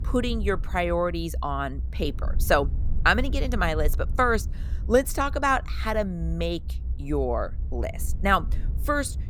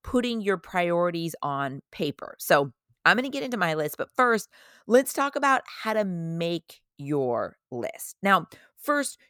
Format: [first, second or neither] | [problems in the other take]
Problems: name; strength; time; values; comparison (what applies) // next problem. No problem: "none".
second | low rumble; faint; throughout; 25 dB below the speech